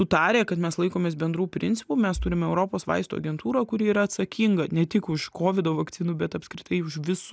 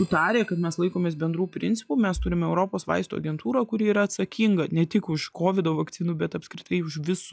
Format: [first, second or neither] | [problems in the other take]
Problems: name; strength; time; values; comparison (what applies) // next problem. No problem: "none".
first | noise reduction (classical method log-MMSE)